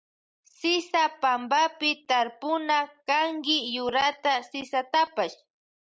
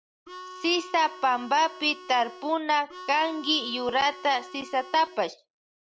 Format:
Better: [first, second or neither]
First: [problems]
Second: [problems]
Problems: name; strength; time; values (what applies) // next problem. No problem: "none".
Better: first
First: none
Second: background sound (Harmonica); 16 dB below the speech